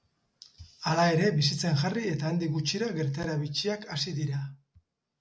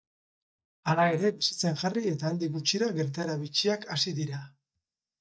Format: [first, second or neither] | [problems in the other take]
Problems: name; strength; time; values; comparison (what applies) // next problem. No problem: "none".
first | noise reduction (neural mask model DeepFilterNet 3)